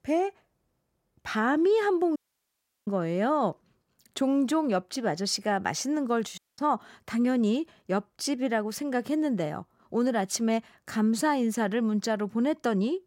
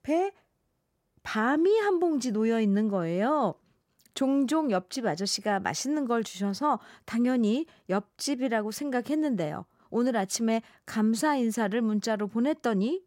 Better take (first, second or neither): second